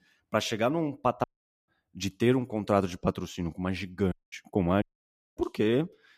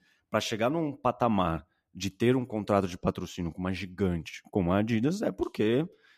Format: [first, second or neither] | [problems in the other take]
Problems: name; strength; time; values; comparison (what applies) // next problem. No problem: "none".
second | audio cutting out; at 1 s, at 4 s and at 5 s for 0.5 s